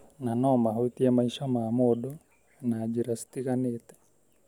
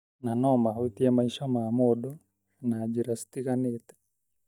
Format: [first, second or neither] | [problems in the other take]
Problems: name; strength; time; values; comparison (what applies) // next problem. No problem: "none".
first | noise reduction (neural mask model DeepFilterNet 3)